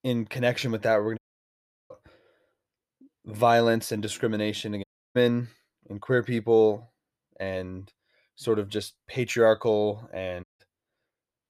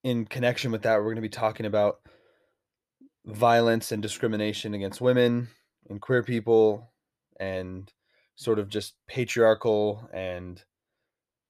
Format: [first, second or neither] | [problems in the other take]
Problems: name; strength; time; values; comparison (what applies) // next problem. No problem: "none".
second | audio cutting out; at 1 s for 0.5 s, at 5 s and at 10 s